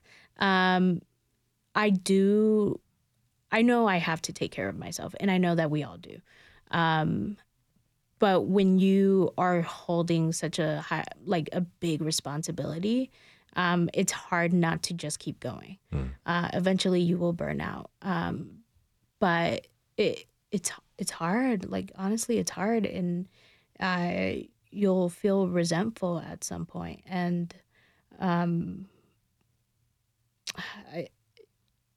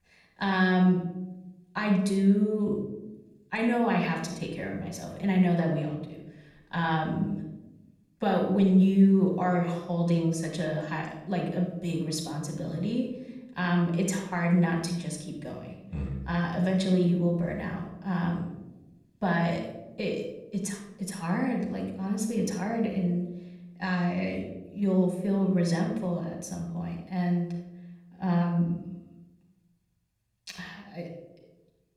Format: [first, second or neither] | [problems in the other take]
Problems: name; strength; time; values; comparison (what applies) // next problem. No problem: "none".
first | off-mic speech; far // room echo; noticeable; dies away in 0.8 s